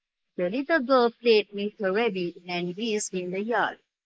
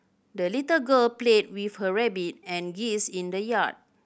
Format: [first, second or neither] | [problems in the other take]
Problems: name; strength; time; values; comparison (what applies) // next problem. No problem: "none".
second | noise reduction (neural mask model Resemble Enhance denoiser)